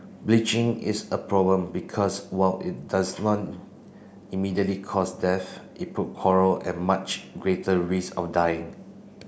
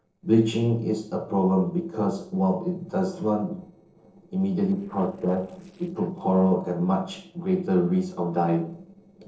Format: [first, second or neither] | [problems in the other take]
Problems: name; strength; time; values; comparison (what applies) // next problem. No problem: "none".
first | noise reduction (neural separator model SepFormer DNS4)